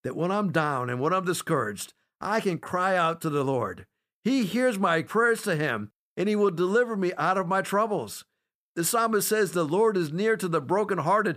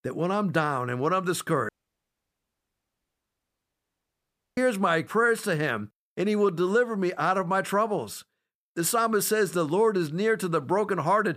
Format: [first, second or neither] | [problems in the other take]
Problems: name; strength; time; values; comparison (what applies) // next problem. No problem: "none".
first | audio cutting out; at 1.5 s for 3 s